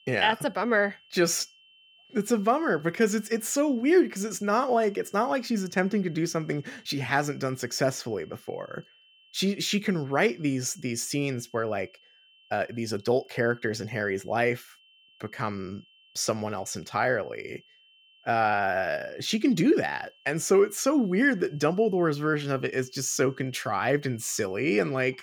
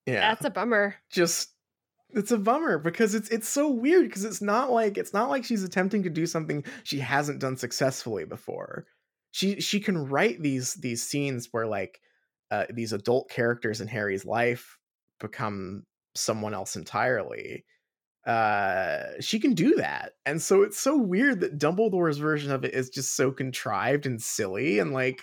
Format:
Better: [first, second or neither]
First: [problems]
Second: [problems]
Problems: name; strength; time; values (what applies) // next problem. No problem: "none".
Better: second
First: high-pitched whine; faint; throughout; 3 kHz, 30 dB below the speech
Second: none